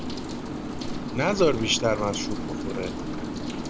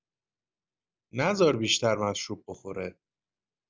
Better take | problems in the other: second | background sound (Rain); 2 dB below the speech

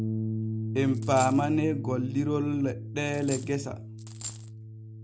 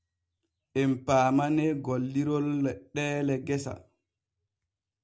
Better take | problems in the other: second | background sound (Bass guitar + Coin (dropping)); 5 dB below the speech

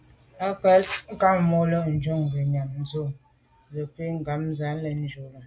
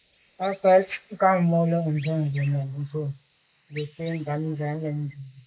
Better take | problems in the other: first | noise reduction (neural mask model Resemble Enhance denoiser)

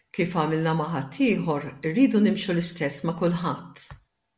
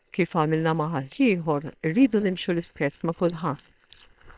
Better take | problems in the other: first | noise reduction (neural separator model SepFormer WHAM!)

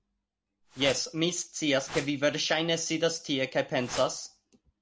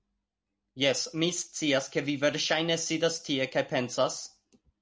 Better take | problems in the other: second | background sound (Whoosh, swoosh, swish); 11 dB below the speech

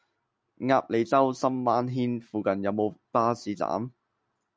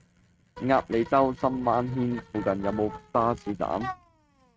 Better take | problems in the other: first | noise reduction (neural mask model RNNoise)

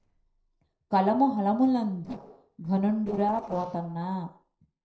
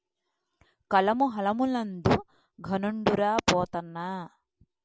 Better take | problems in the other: second | noise reduction (neural separator model SepFormer DNS4)

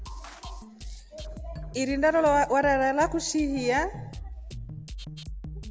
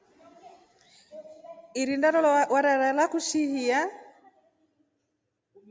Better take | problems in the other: second | background sound (Drum kit); 11 dB below the speech

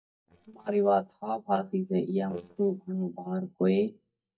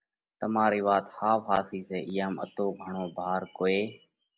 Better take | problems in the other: second | noise reduction (neural mask model DeepFilterNet 3)

